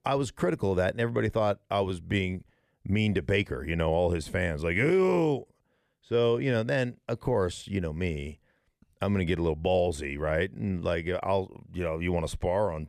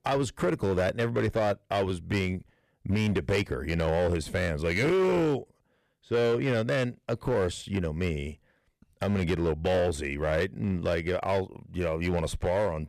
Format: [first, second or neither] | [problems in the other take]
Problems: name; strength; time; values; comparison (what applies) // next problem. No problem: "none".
first | distortion; slight; 9% of the sound clipped